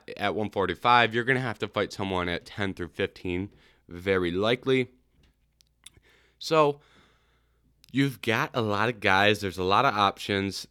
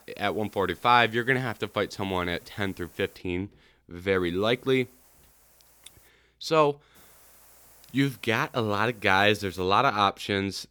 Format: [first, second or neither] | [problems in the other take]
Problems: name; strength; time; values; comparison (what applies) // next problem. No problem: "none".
first | hiss; faint; until 3 s, from 4 to 6 s and from 7 to 9.5 s; 30 dB below the speech